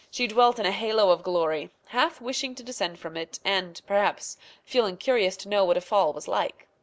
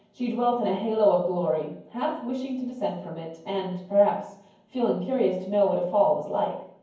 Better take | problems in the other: first | room echo; dies away in 0.9 s

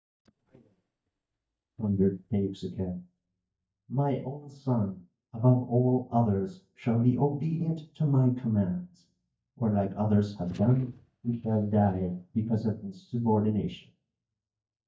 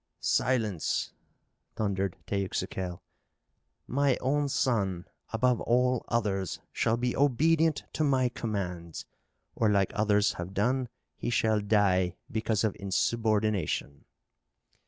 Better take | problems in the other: second | noise reduction (neural mask model DeepFilterNet 3)

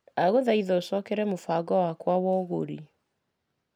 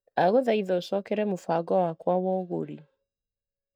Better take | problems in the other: first | noise reduction (neural mask model DeepFilterNet 3)

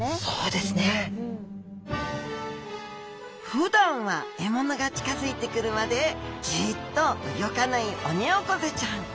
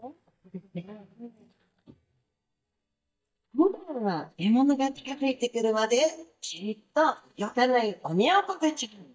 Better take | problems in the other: first | noise reduction (neural mask model DeepFilterNet 3)

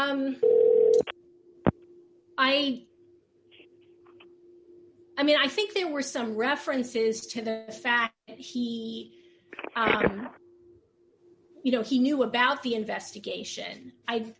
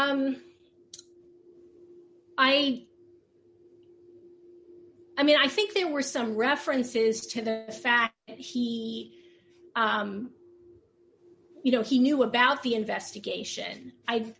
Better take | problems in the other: second | background sound (Telephone); 2 dB below the speech

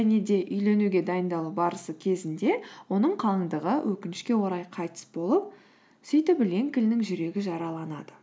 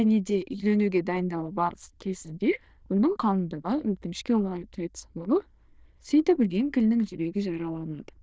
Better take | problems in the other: first | noise reduction (neural diffusion model UNIVERSE++)

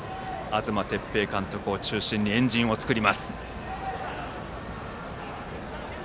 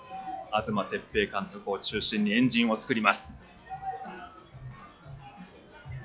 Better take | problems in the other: first | noise reduction (classical method log-MMSE)

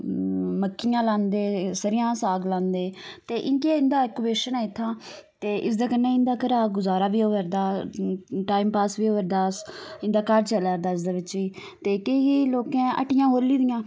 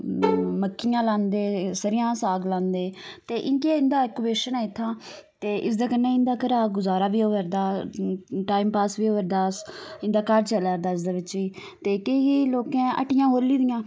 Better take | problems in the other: first | background sound (Bowed string instrument); 6 dB below the speech

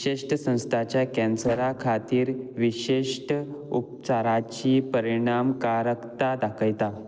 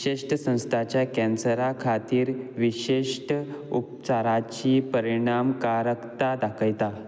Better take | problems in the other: second | noise reduction (neural separator model SepFormer DNS4)

